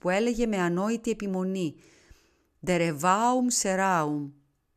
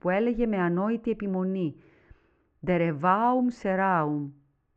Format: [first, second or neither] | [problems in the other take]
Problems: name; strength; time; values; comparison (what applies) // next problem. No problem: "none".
first | muffled; very; fading above 2 kHz